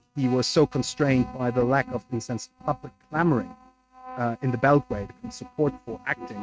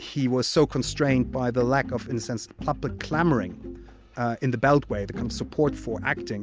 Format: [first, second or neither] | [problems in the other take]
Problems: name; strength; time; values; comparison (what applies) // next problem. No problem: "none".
second | noise reduction (neural mask model RNNoise)